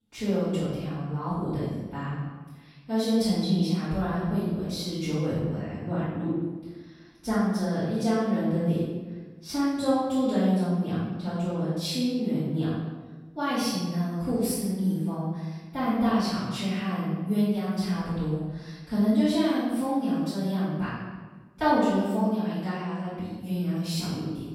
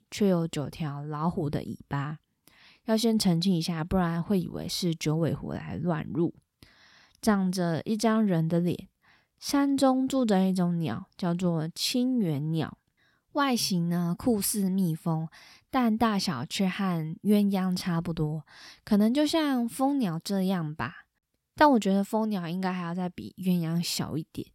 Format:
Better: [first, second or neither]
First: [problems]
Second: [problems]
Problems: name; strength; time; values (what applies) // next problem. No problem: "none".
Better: second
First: off-mic speech; far // room echo; strong; dies away in 1.2 s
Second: none